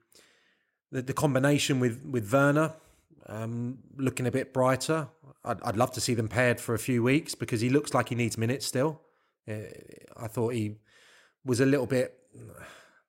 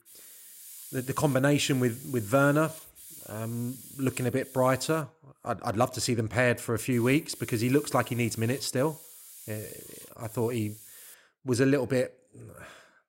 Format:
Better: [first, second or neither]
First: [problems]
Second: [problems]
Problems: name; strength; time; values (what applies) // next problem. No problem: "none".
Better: first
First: none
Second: hiss; noticeable; until 5 s and from 7 to 11 s; 15 dB below the speech